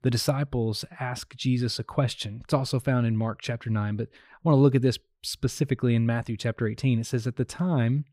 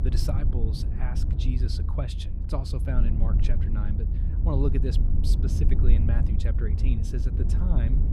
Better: first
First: none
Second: low rumble; loud; throughout; 3 dB below the speech

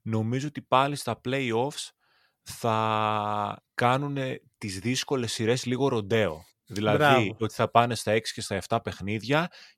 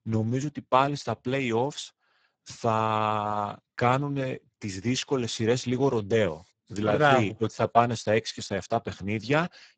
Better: first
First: none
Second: garbled, watery; badly; nothing above 7.5 kHz

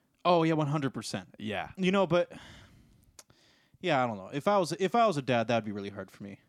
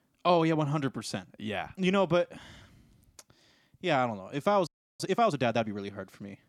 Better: first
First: none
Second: audio freezing; at 4.5 s

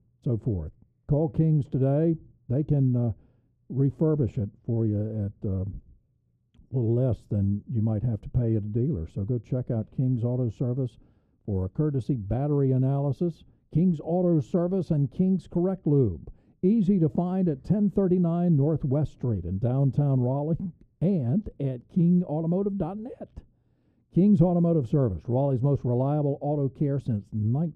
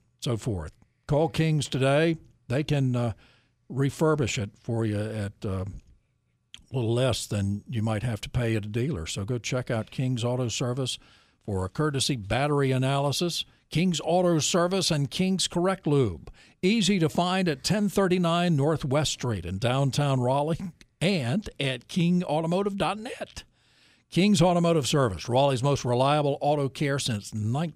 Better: second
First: muffled; very; fading above 1 kHz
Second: none

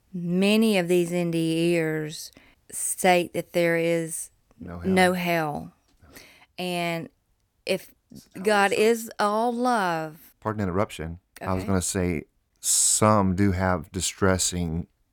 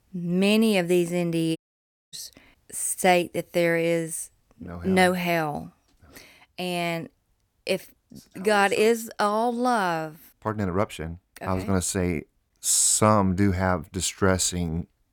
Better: first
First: none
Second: audio cutting out; at 1.5 s for 0.5 s

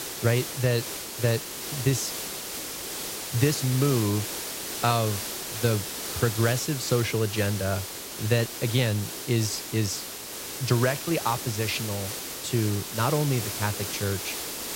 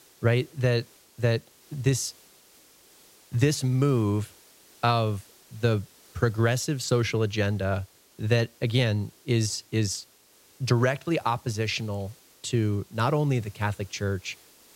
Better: second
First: hiss; loud; throughout; 5 dB below the speech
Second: hiss; faint; throughout; 25 dB below the speech

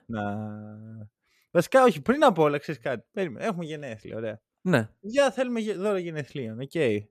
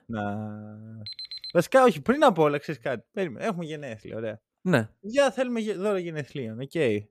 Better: first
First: none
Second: alarm; noticeable; at 1 s; peak 10 dB below the speech

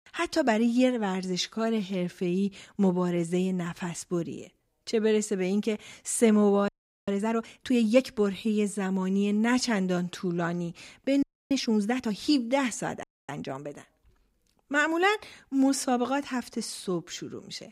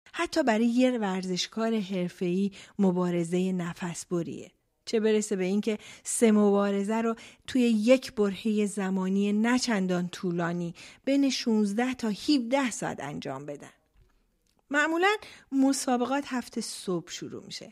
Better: second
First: audio freezing; at 6.5 s, at 11 s and at 13 s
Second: none

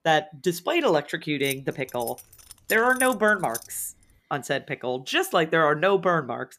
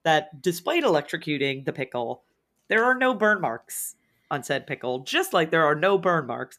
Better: second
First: jangling keys; noticeable; from 1.5 to 3.5 s; peak 7 dB below the speech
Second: none

